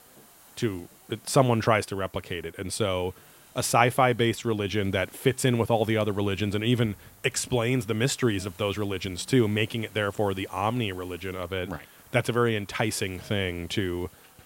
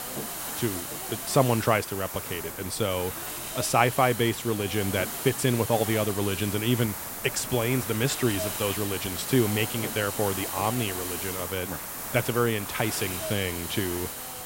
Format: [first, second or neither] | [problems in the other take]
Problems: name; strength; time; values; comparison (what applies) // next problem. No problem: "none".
first | hiss; loud; throughout; 5 dB below the speech; faint in the first